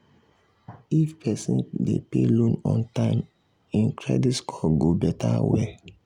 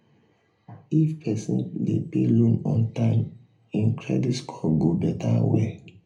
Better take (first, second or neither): first